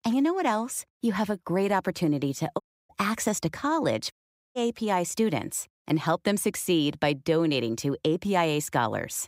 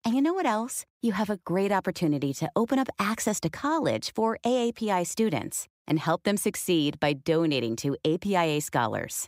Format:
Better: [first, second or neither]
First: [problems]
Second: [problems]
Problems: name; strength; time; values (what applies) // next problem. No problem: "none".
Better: second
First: audio cutting out; at 2.5 s and at 4 s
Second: none